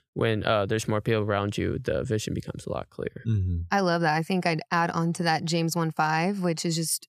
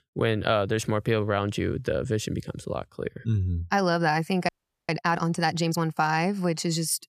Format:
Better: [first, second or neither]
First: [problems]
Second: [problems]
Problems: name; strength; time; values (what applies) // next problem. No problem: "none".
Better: first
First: none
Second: audio freezing; at 4.5 s